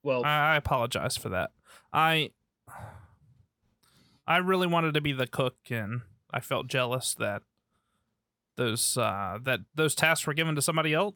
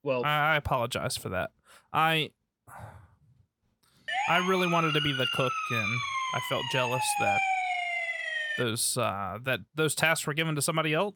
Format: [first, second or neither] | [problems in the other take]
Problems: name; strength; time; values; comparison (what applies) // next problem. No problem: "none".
first | siren; loud; from 4 to 8.5 s; peak 2 dB above the speech